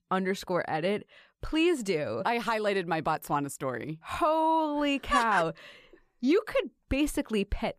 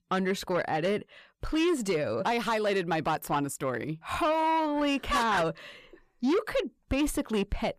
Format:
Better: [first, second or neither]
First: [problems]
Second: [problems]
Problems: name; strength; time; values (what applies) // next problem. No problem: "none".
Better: first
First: none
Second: distortion; slight; 10 dB below the speech